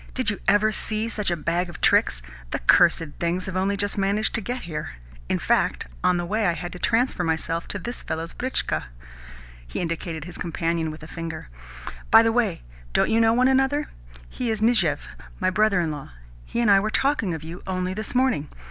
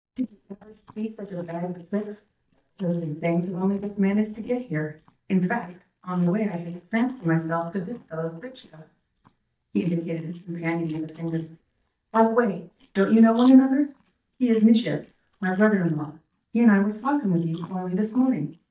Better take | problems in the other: first | noise reduction (neural mask model DeepFilterNet 3)

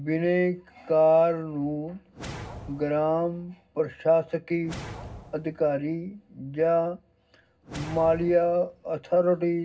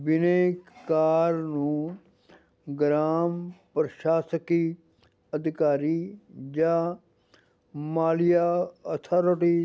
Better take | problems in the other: second | background sound (Whoosh, swoosh, swish); 17 dB below the speech // room echo; dies away in 0.4 s

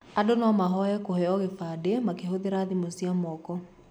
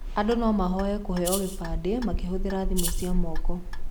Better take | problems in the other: first | background sound (Rattle (instrument) + Clock); 1 dB above the speech

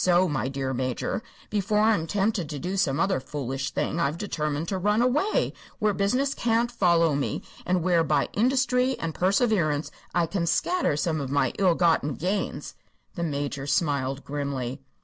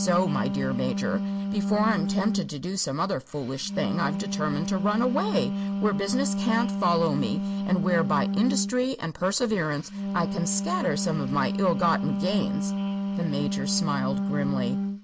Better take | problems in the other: first | background sound (Wind instrument, woodwind instrument); 1 dB below the speech

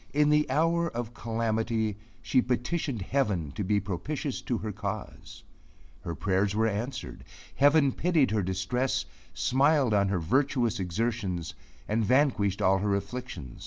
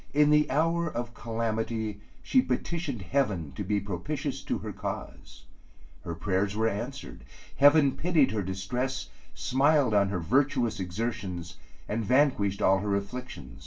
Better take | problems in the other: first | room echo; dies away in 0.2 s

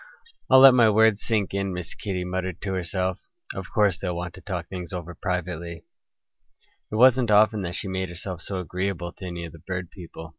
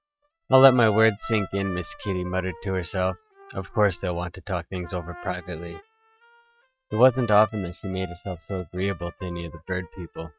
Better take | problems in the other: first | noise reduction (neural mask model RNNoise)

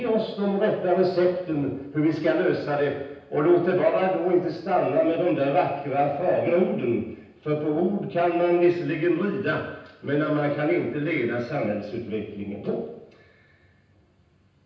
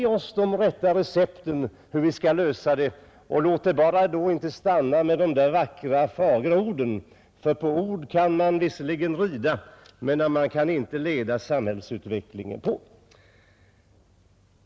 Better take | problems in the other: second | room echo; dies away in 0.9 s

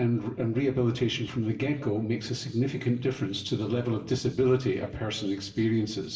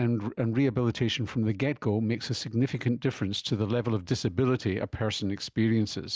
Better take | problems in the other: second | room echo; dies away in 1 s

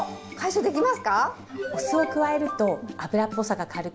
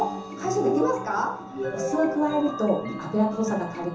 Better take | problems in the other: first | background sound (Chime / Clock); 14 dB below the speech // room echo; dies away in 0.7 s

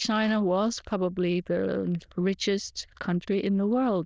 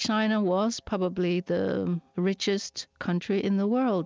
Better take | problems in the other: second | noise reduction (neural diffusion model UNIVERSE++)

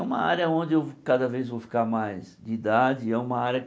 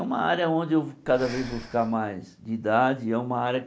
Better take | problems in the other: first | background sound (Breathing); 18 dB below the speech

